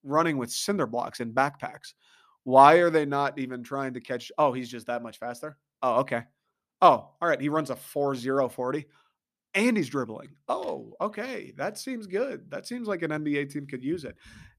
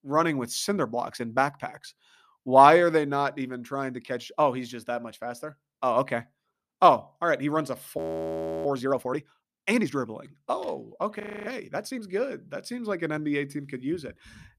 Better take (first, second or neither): first